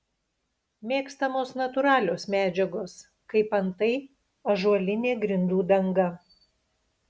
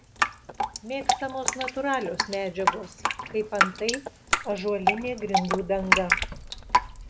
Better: first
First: none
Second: background sound (Drip); 3 dB above the speech

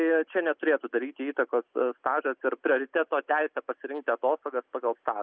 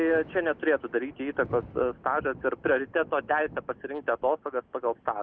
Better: first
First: none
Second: background sound (Thunder); 19 dB below the speech

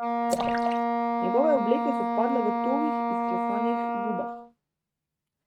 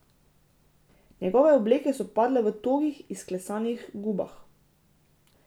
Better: second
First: noise reduction (neural mask model RNNoise)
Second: none

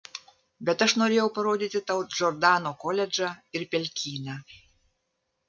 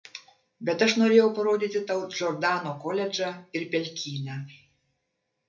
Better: first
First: none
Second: room echo; dies away in 0.3 s

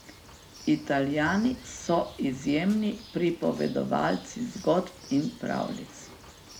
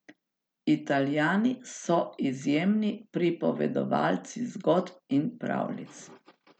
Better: second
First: background sound (Bird); 19 dB below the speech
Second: none

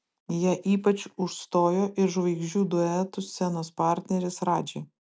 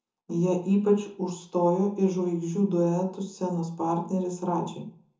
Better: first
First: none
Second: room echo; dies away in 0.6 s

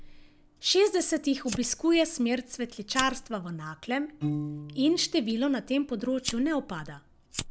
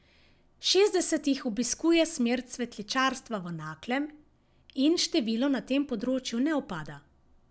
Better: second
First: background sound (Piano + Fire); 11 dB below the speech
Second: none

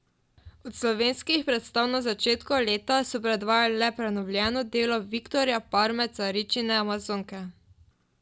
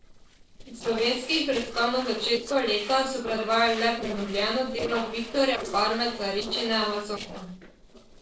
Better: first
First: none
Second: noise reduction (neural separator model SepFormer DNS4)

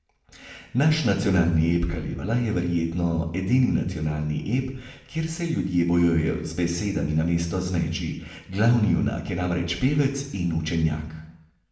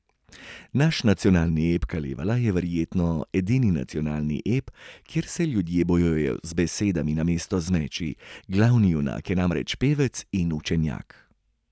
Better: second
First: room echo; dies away in 0.8 s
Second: none

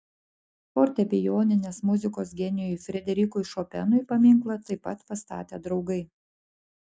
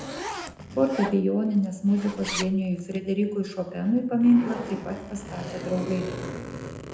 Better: first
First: none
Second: background sound (Zipper (clothing)); 11 dB below the speech // room echo; dies away in 0.8 s

